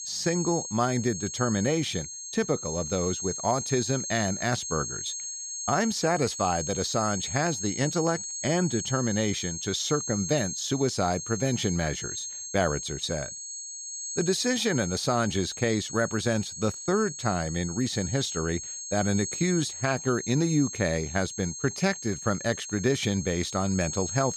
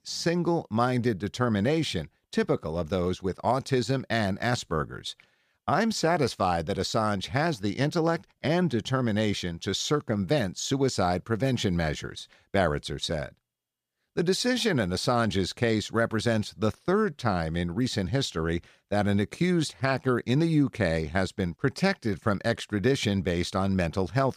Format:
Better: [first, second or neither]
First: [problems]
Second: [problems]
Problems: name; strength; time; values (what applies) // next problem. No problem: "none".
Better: second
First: high-pitched whine; loud; throughout; 6.5 kHz, 6 dB below the speech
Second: none